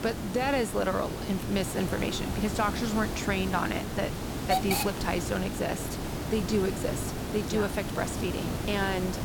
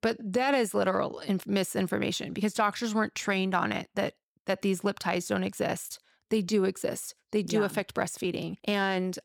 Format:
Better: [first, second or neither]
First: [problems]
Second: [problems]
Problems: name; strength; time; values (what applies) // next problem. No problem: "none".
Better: second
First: hiss; loud; throughout; 3 dB below the speech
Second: none